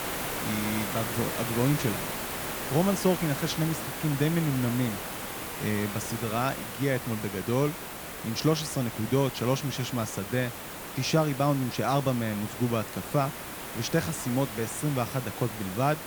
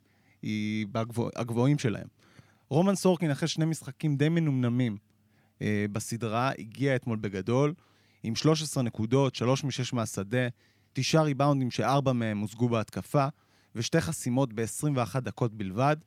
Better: second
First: hiss; loud; throughout; 6 dB below the speech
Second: none

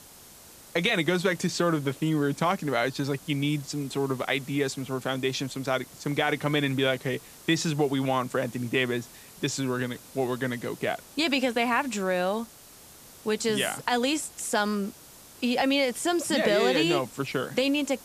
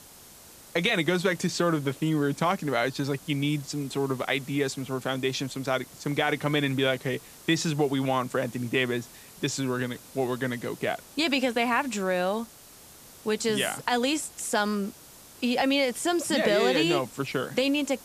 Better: neither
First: hiss; noticeable; throughout; 20 dB below the speech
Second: hiss; noticeable; throughout; 20 dB below the speech

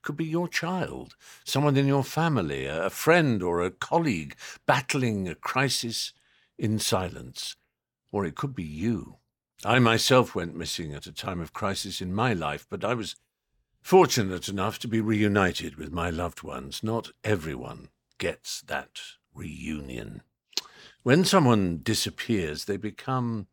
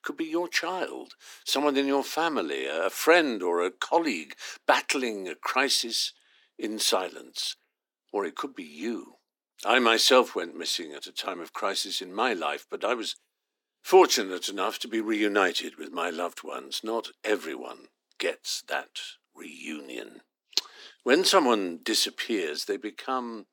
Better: first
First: none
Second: thin; somewhat; fading below 250 Hz

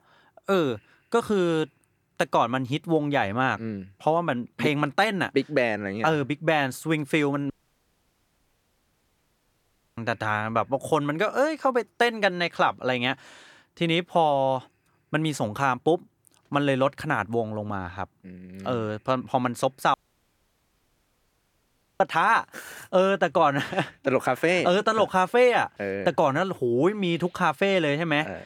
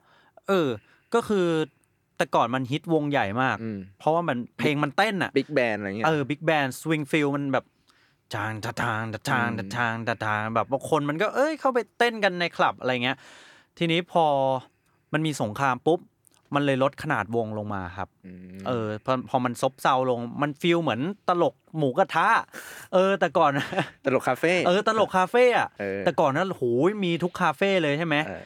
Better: second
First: audio cutting out; at 7.5 s for 2.5 s and at 20 s for 2 s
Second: none

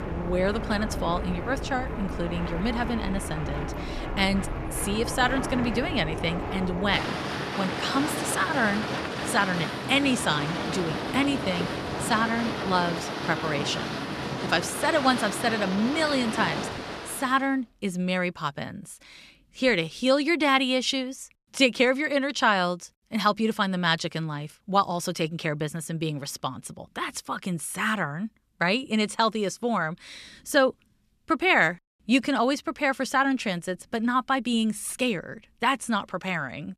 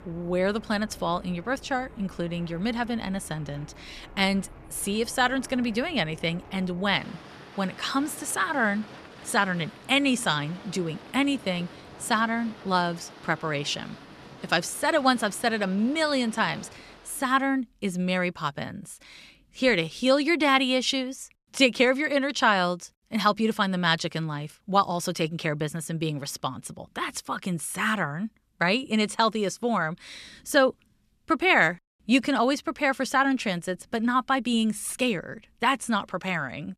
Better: second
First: train or aircraft noise; loud; until 17 s; 5 dB below the speech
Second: train or aircraft noise; faint; until 17 s; 20 dB below the speech

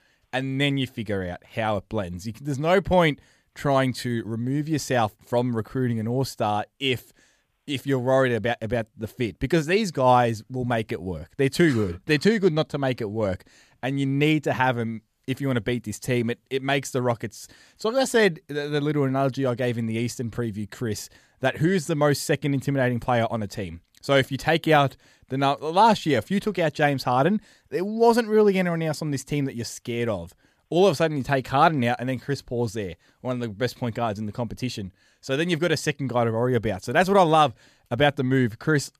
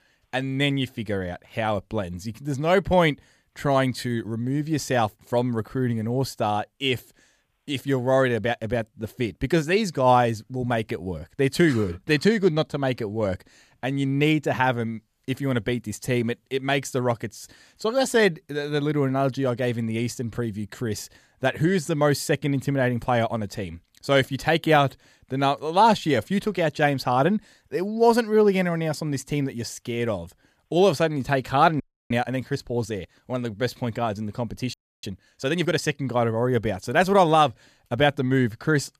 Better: first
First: none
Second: audio freezing; at 32 s and at 35 s

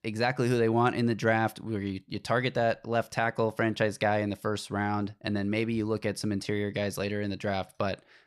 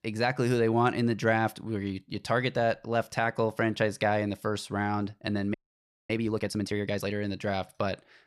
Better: first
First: none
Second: audio freezing; at 5.5 s for 0.5 s

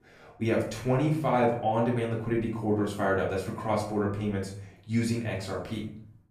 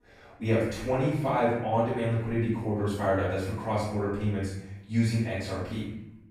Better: first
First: room echo; slight; dies away in 0.5 s // off-mic speech; far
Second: room echo; strong; dies away in 0.8 s // off-mic speech; far

